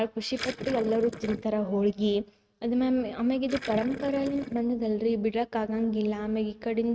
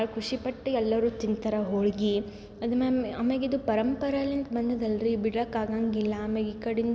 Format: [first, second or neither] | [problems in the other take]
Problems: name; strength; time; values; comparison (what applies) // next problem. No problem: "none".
second | noise reduction (neural mask model RNNoise)